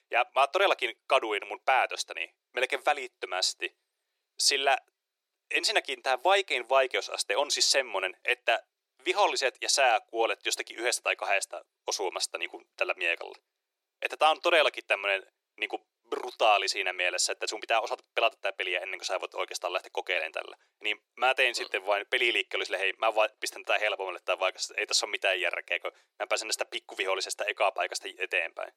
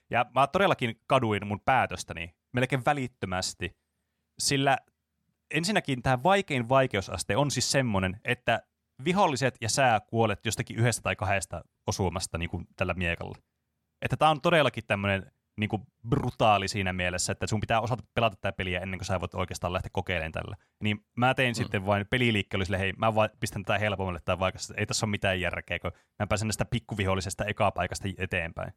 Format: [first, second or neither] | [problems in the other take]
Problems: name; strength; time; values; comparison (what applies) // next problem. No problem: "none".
second | thin; very; fading below 350 Hz